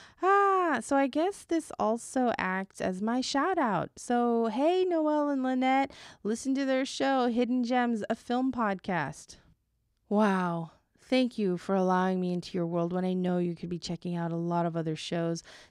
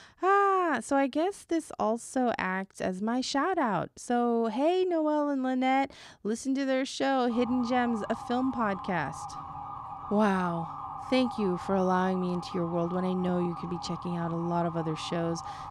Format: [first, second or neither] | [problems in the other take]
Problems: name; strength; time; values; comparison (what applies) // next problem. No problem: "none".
first | siren; noticeable; from 7.5 s on; peak 9 dB below the speech